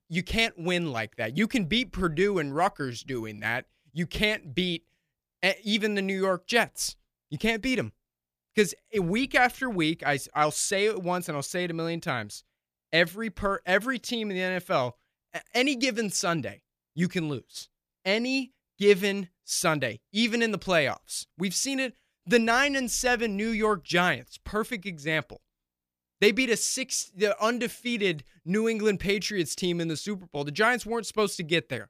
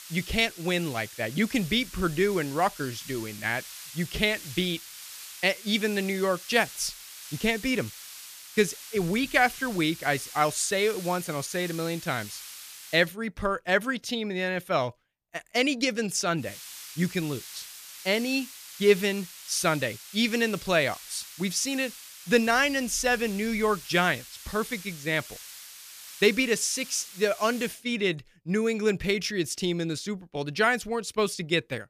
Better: first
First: none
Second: hiss; noticeable; until 13 s and from 16 to 28 s; 15 dB below the speech

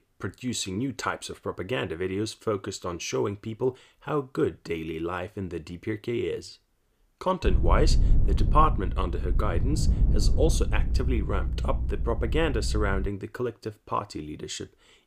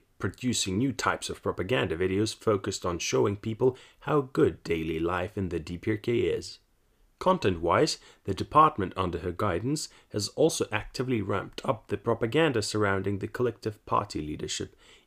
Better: second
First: low rumble; noticeable; from 7.5 to 13 s; 15 dB below the speech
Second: none

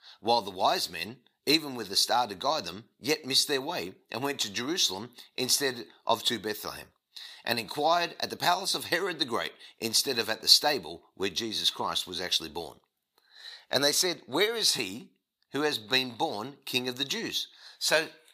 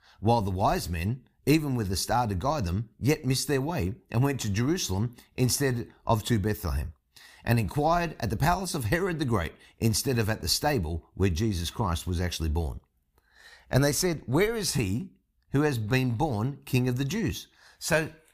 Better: second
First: thin; somewhat; fading below 400 Hz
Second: none

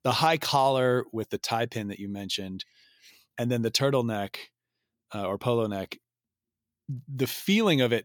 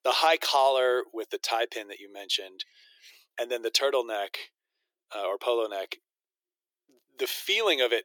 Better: first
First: none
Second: thin; very; fading below 350 Hz

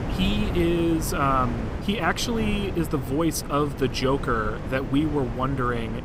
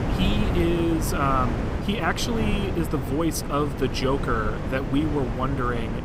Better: first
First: wind noise on the microphone; occasional gusts; 10 dB below the speech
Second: wind noise on the microphone; heavy; 6 dB below the speech

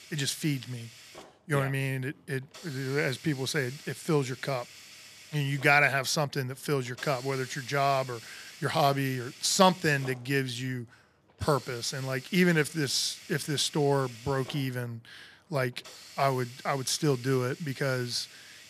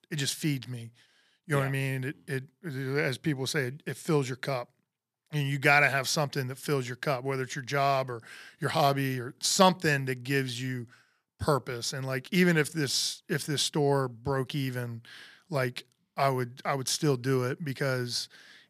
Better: second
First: hiss; noticeable; throughout; 20 dB below the speech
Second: none

